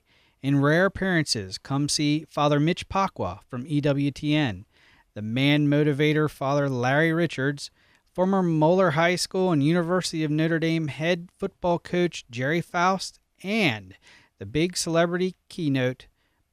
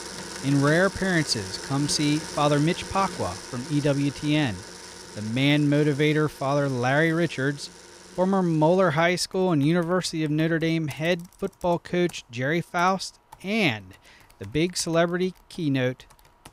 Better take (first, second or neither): first